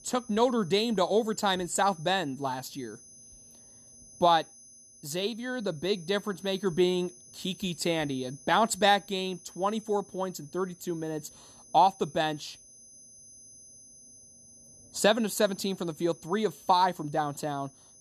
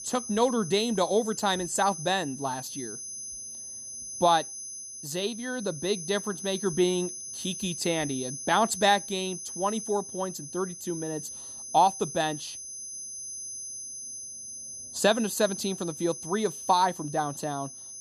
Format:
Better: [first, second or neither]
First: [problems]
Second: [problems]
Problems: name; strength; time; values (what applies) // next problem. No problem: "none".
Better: first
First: high-pitched whine; faint; throughout; 6 kHz, 20 dB below the speech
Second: high-pitched whine; loud; throughout; 6 kHz, 9 dB below the speech